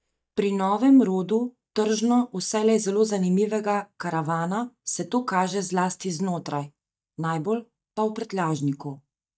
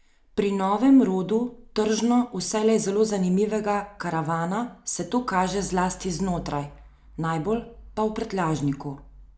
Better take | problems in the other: second | noise reduction (neural mask model DeepFilterNet 3)

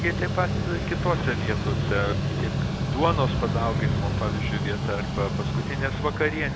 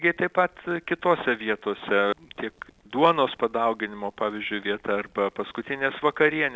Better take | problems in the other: second | background sound (Mechanical fan); 3 dB above the speech

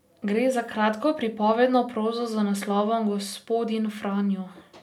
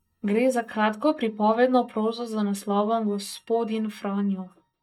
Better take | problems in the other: first | noise reduction (neural mask model DeepFilterNet 3)

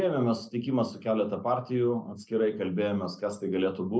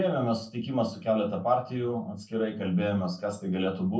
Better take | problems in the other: first | room echo; dies away in 0.2 s

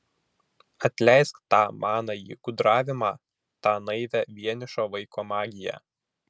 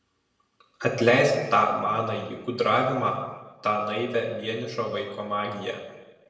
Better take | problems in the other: first | room echo; dies away in 1 s

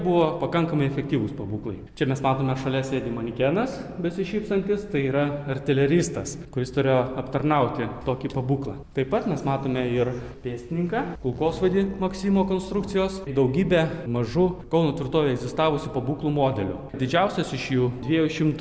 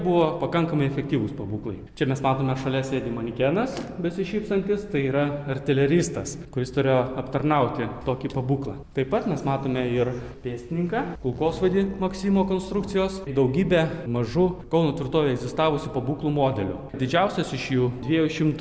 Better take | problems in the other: first | background sound (Motor vehicle (road)); 18 dB below the speech

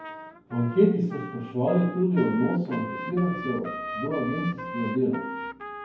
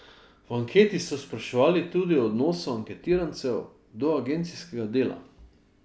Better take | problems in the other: second | background sound (Trumpet); 11 dB below the speech // room echo; dies away in 0.9 s

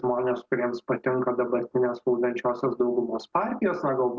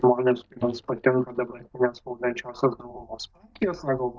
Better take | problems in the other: first | noise reduction (neural mask model DeepFilterNet 3)

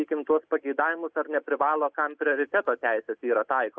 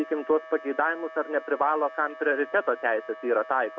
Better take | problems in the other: first | background sound (Wind instrument, woodwind instrument); 16 dB below the speech

